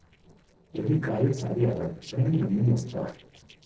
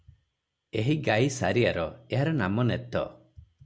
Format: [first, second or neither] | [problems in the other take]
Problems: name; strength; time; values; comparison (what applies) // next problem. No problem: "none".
second | noise reduction (neural separator model SepFormer DNS4)